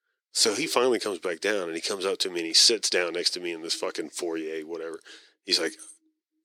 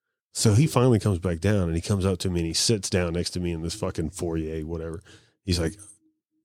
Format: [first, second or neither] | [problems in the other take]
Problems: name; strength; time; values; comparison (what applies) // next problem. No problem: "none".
second | thin; very; fading below 350 Hz